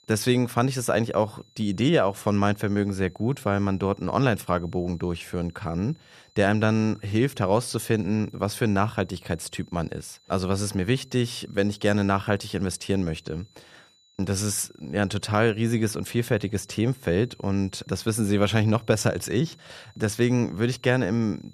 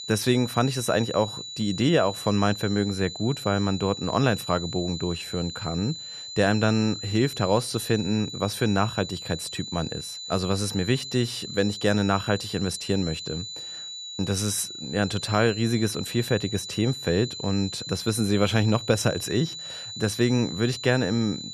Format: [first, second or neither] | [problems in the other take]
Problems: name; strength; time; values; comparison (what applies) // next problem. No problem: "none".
first | high-pitched whine; loud; throughout; 4 kHz, 9 dB below the speech; faint in the first